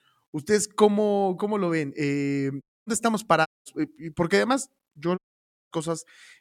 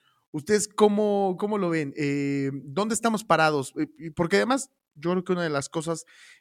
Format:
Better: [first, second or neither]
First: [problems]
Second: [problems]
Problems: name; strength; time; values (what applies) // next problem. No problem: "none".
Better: second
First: audio cutting out; at 2.5 s, at 3.5 s and at 5 s for 0.5 s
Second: none